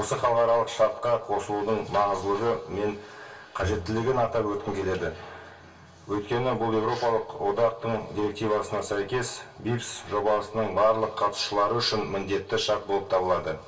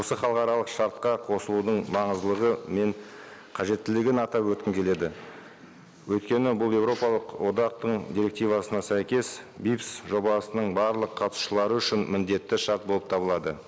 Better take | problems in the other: second | background sound (Bowed string instrument); 15 dB below the speech // room echo; dies away in 0.2 s

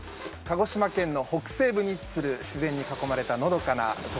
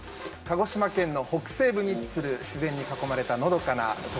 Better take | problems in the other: first | background sound (Brass instrument); 13 dB below the speech // room echo; dies away in 2.3 s

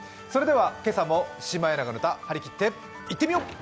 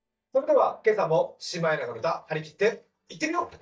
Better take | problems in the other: first | noise reduction (neural mask model DeepFilterNet 3)

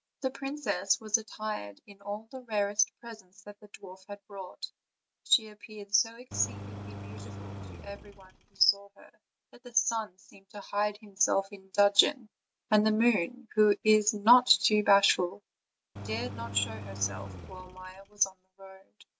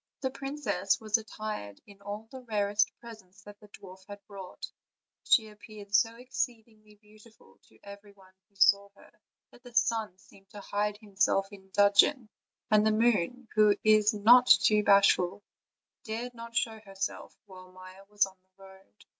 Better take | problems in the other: second | background sound (Engine); 11 dB below the speech

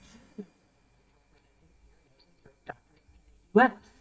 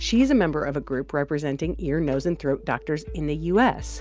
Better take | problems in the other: second | noise reduction (neural mask model DeepFilterNet 3)

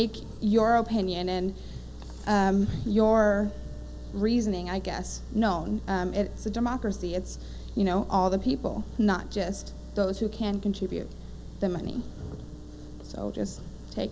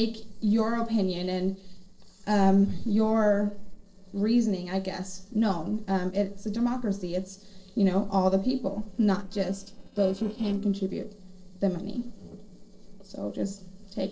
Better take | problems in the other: first | noise reduction (neural separator model SepFormer DNS4)

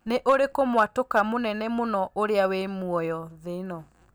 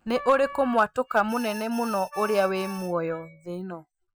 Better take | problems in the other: first | noise reduction (classical method Wiener filter)

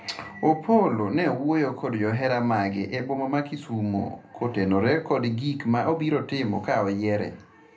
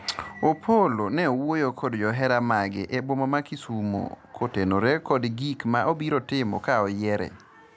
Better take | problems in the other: second | room echo; dies away in 0.3 s

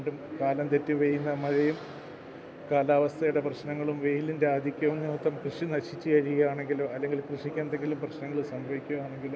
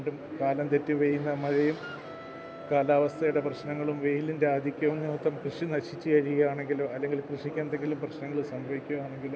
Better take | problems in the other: first | background sound (Wind instrument, woodwind instrument); 18 dB below the speech

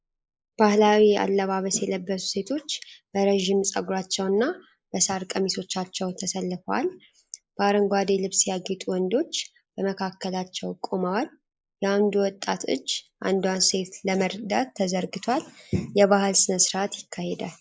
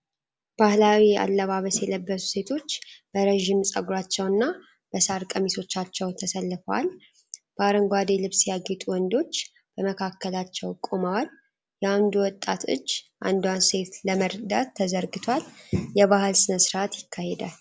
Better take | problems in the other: second | noise reduction (neural mask model Resemble Enhance denoiser)

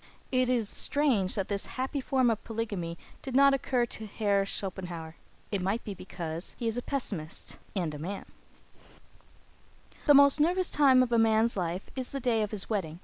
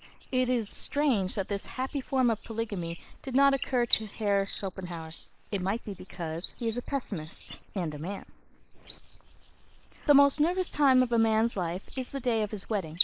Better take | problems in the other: first | noise reduction (neural mask model Resemble Enhance denoiser)

